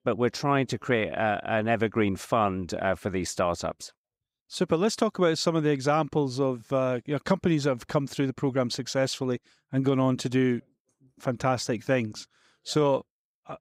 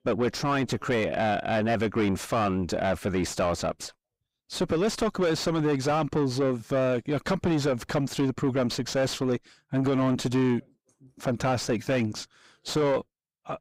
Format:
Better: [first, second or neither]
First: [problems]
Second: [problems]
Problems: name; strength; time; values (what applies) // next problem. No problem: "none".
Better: first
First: none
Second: distortion; heavy; 6 dB below the speech